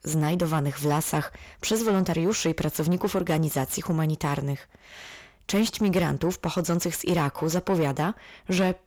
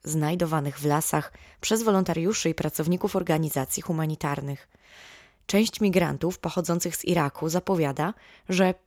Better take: second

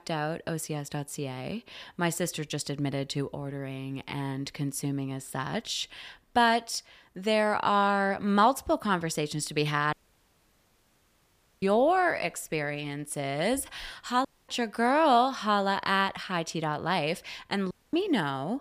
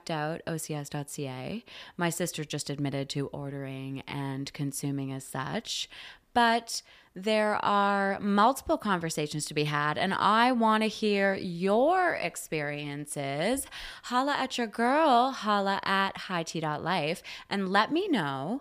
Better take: second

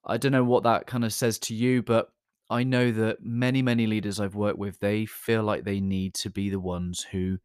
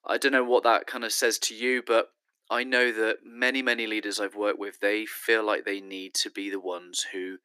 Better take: first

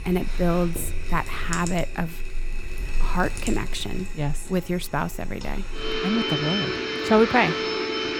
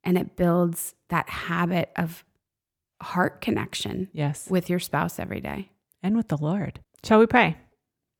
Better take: second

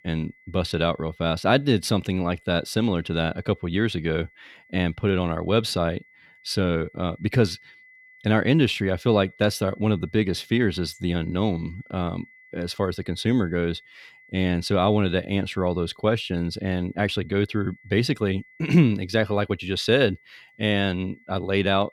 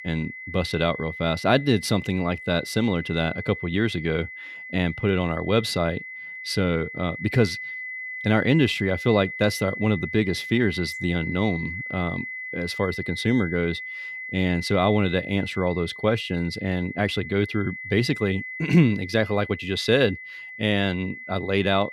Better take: first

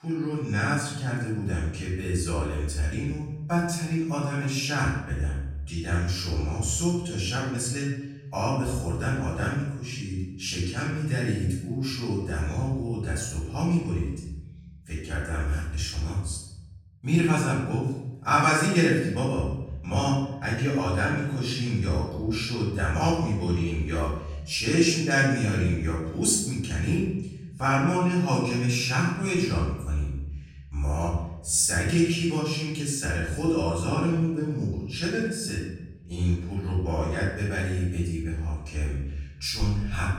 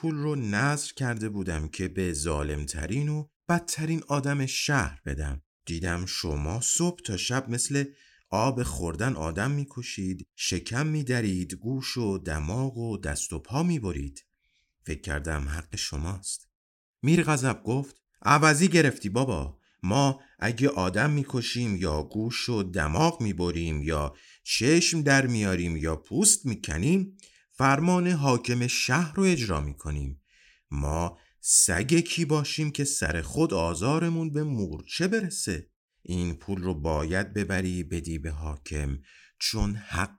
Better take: second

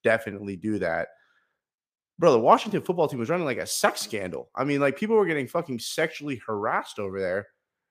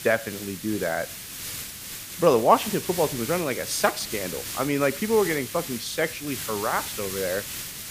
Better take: first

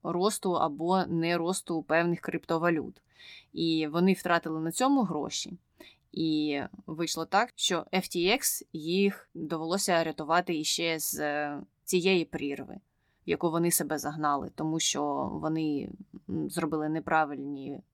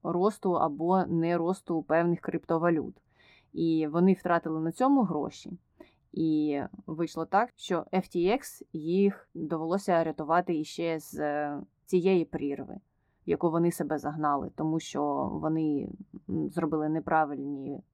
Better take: first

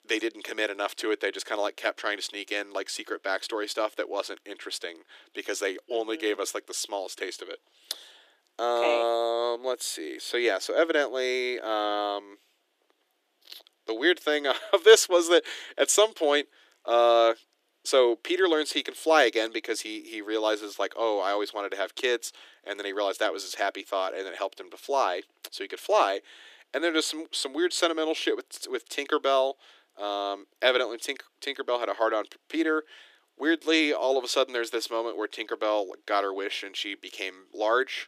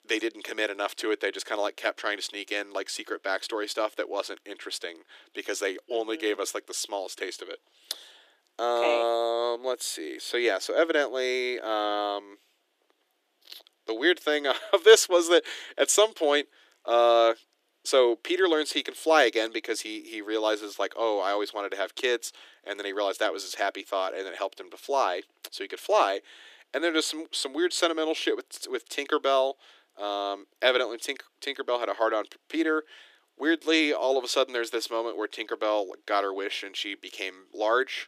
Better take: neither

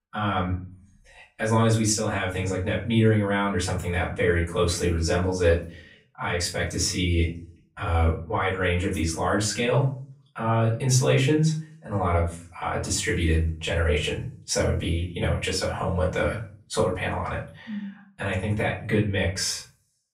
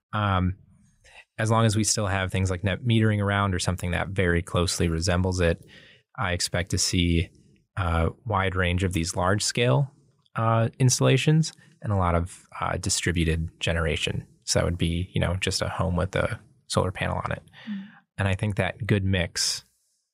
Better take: second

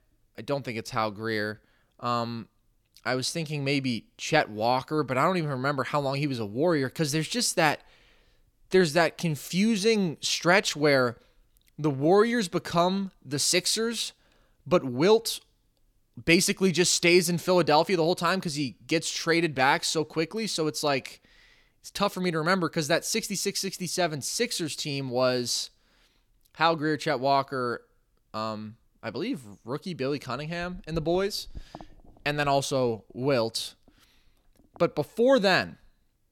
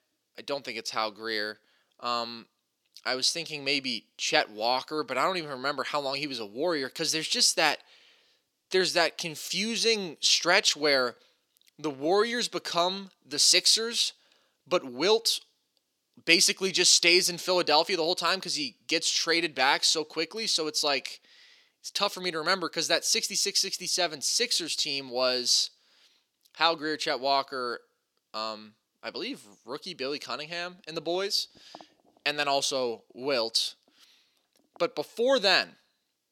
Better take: first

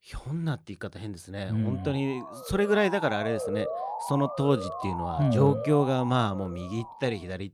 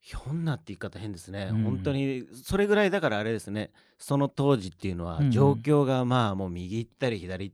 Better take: second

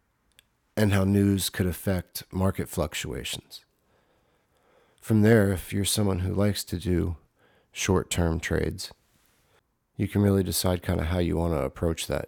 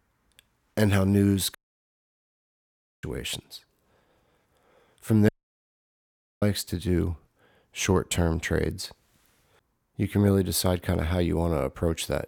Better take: first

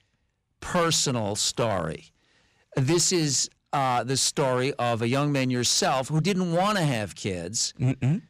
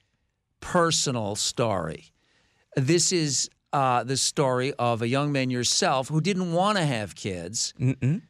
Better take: second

